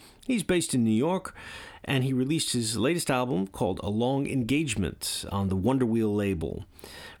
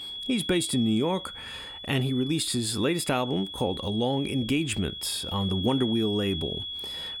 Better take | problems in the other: first | high-pitched whine; loud; throughout; 3.5 kHz, 7 dB below the speech

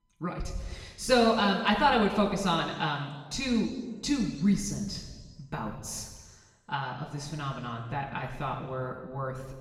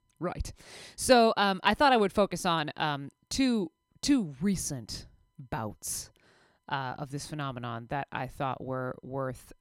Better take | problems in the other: second | room echo; noticeable; dies away in 1.2 s // off-mic speech; far

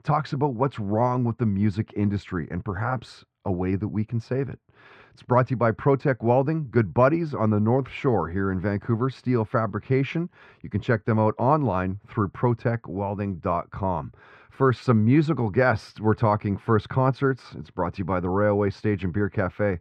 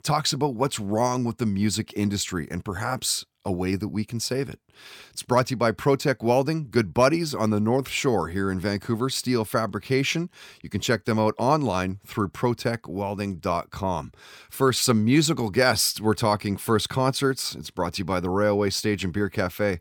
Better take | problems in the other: second | muffled; very; fading above 1.5 kHz

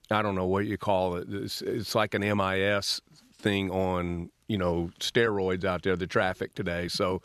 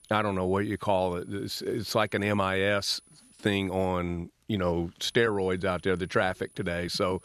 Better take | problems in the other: first | high-pitched whine; faint; until 4 s and from 5 s on; 10 kHz, 30 dB below the speech

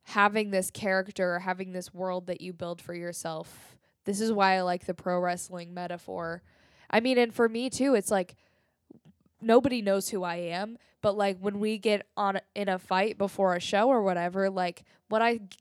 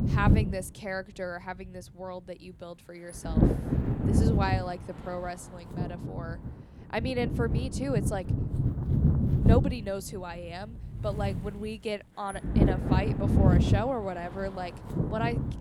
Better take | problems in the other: first | wind noise on the microphone; heavy; 2 dB below the speech

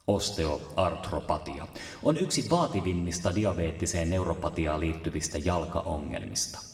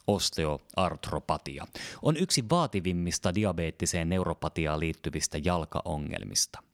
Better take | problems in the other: second | room echo; slight; dies away in 1.4 s

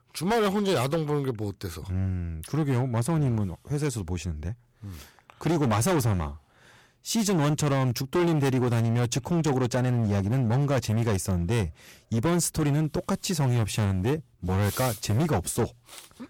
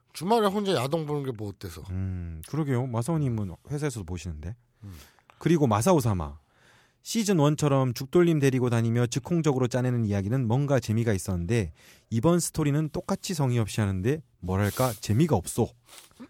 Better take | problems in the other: second | distortion; heavy; 16% of the sound clipped

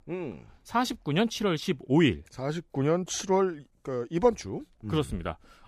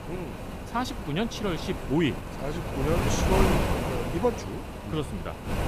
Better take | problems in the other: first | wind noise on the microphone; heavy; 1 dB below the speech

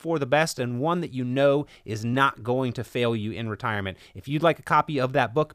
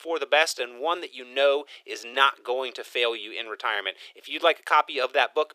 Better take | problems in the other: first | thin; very; fading below 400 Hz

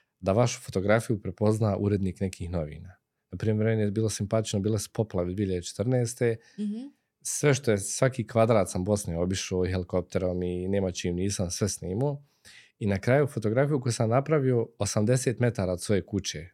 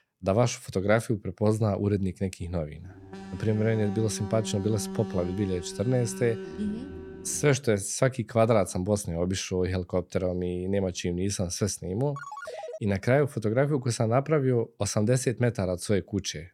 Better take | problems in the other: first | alarm; noticeable; from 3 to 7.5 s; peak 9 dB below the speech // phone ringing; faint; at 12 s; peak 10 dB below the speech

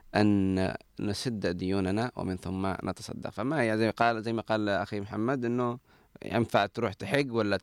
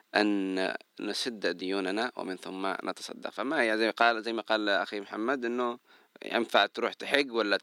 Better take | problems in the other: first | thin; somewhat; fading below 250 Hz

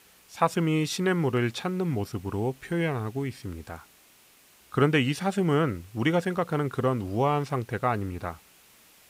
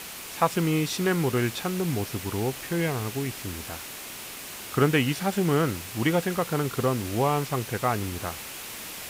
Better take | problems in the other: first | hiss; loud; throughout; 9 dB below the speech; faint in the first

